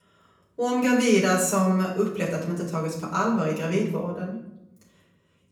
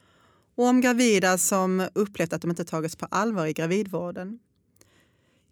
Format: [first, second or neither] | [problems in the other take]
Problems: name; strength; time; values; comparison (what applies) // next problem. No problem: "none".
second | off-mic speech; far // room echo; noticeable; dies away in 0.7 s